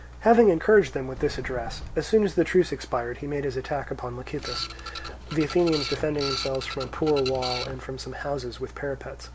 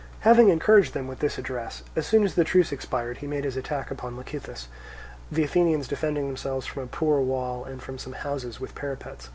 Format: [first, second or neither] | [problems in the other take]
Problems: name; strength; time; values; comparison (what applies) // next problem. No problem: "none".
second | background sound (Printer + Sliding door); 10 dB below the speech